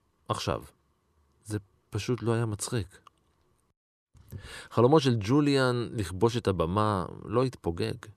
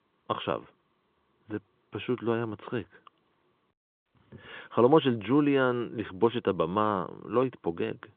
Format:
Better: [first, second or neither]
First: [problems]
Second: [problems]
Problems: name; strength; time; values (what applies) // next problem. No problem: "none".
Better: first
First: none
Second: phone-call audio; nothing above 3.5 kHz